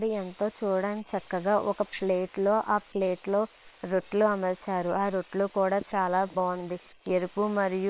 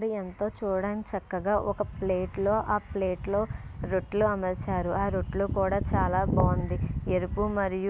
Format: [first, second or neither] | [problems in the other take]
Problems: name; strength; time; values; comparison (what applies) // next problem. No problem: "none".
second | noise reduction (neural separator model SepFormer WHAM!)